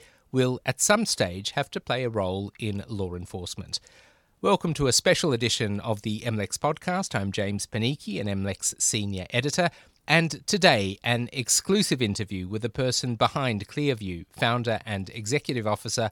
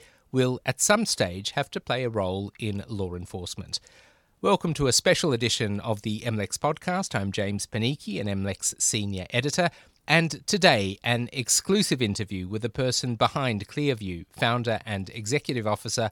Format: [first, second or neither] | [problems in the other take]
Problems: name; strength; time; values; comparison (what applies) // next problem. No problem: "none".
neither | none